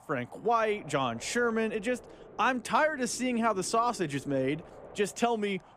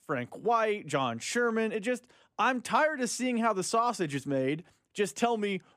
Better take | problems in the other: second | wind noise on the microphone; occasional gusts; 20 dB below the speech

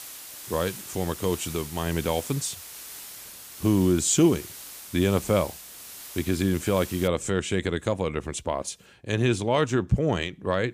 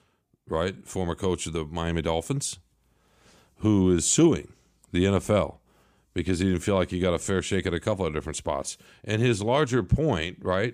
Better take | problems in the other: second | hiss; noticeable; until 7 s; 15 dB below the speech

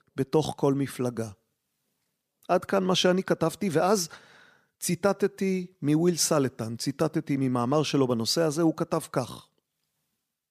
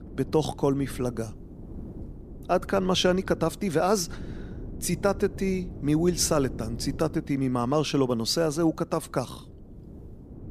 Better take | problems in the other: first | wind noise on the microphone; occasional gusts; 20 dB below the speech

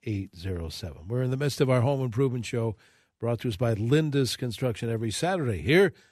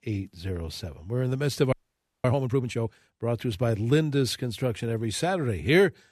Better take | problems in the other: first | audio freezing; at 1.5 s for 0.5 s

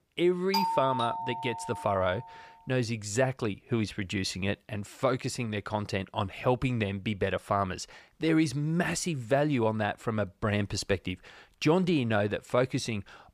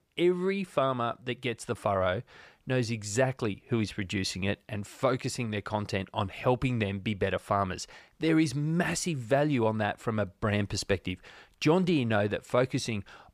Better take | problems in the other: second | doorbell; loud; from 0.5 to 2 s; peak 1 dB above the speech

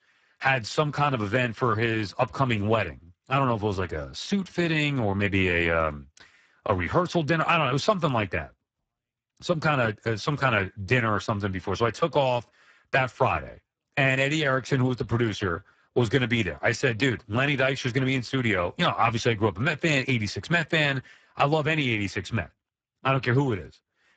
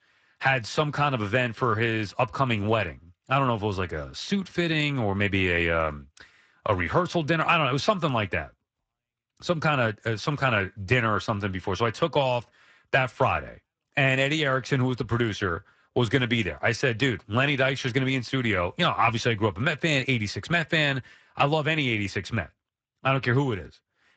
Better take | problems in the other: second | garbled, watery; badly; nothing above 7.5 kHz; slightly in the second

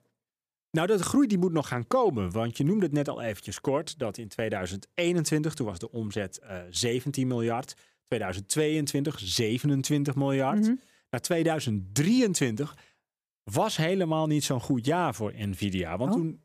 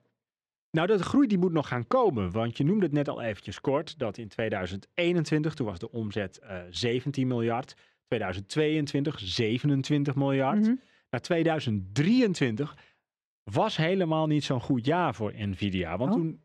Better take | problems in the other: first | muffled; very slightly; fading above 3.5 kHz

